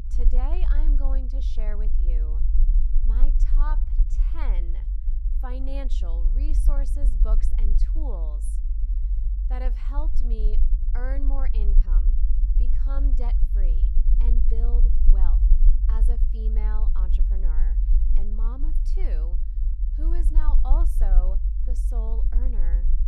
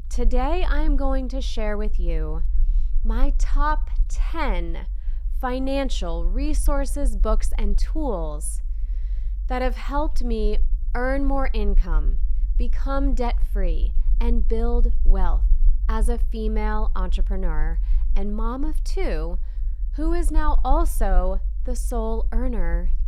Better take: second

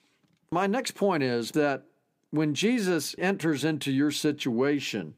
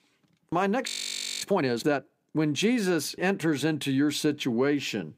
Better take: first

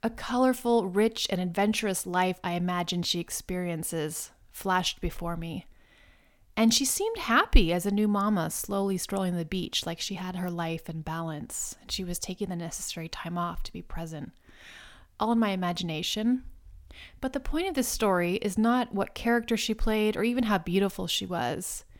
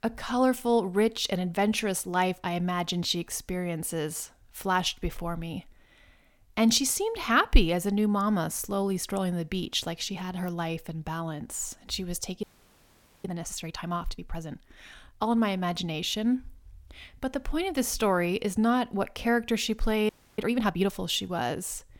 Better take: first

